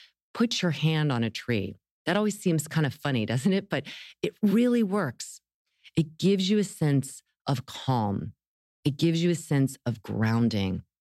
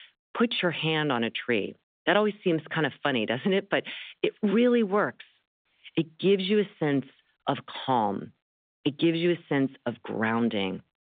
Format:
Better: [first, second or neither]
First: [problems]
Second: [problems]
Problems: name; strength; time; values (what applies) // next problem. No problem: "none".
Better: first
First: none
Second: phone-call audio; nothing above 3.5 kHz